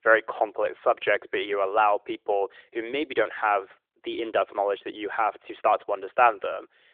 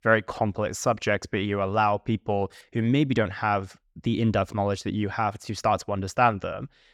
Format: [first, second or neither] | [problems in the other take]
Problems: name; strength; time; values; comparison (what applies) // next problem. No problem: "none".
second | phone-call audio; nothing above 3.5 kHz